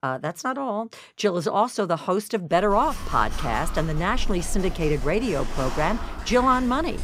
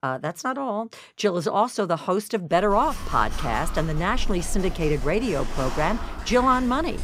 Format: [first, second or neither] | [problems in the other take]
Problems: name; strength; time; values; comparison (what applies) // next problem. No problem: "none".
neither | dog barking; noticeable; from 2.5 s on; peak 8 dB below the speech; the same in both